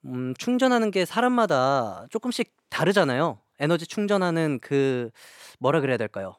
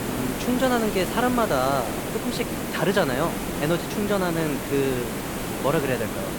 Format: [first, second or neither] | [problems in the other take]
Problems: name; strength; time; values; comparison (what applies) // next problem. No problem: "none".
first | hiss; loud; throughout; 4 dB below the speech